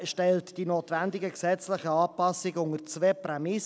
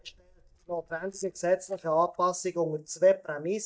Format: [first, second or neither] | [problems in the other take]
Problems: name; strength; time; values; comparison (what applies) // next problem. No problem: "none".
first | noise reduction (neural mask model DeepFilterNet 3)